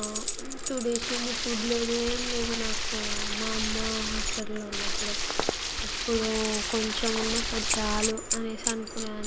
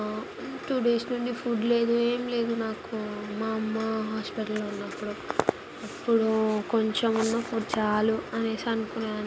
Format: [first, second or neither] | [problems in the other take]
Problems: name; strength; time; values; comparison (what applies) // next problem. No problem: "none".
second | background sound (Keys jangling + Stream); 2 dB above the speech